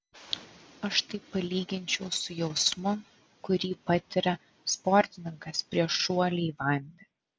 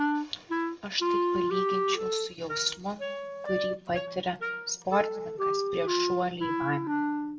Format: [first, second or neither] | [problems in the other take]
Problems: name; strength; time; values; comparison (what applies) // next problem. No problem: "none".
first | background sound (Wind instrument, woodwind instrument); 3 dB above the speech // room echo; dies away in 0.3 s